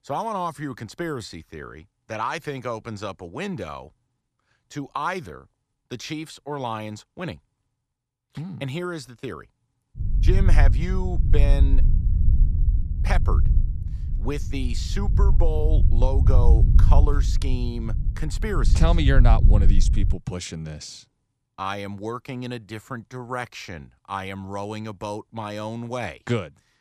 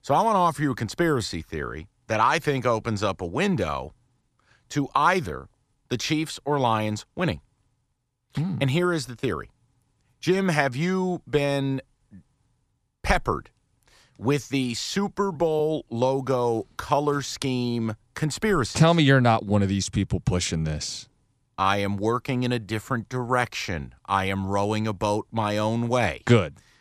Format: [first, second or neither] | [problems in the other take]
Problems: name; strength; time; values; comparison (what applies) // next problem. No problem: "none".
second | low rumble; loud; from 10 to 20 s; 9 dB below the speech